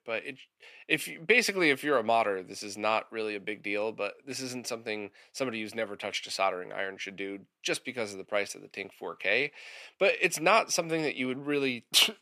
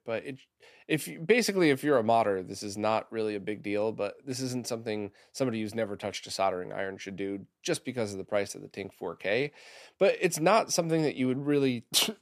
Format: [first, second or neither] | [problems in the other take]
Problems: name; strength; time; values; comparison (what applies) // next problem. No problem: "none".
second | thin; very slightly; fading below 650 Hz